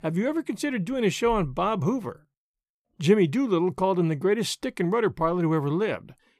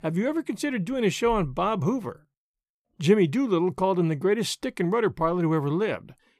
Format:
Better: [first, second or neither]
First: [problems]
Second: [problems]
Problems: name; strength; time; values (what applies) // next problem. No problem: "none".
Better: neither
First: none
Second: none